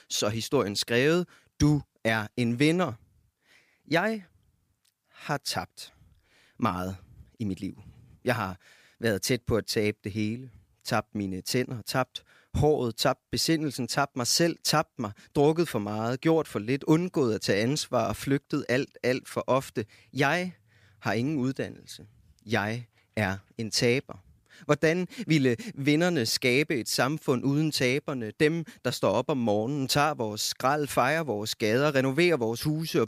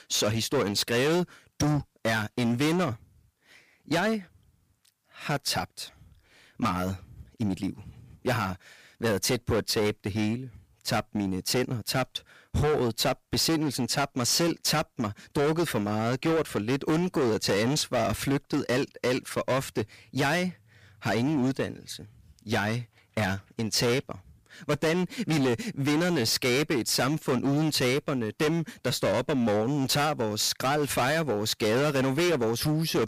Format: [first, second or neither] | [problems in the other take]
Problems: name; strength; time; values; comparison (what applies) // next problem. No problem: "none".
first | distortion; heavy; 16% of the sound clipped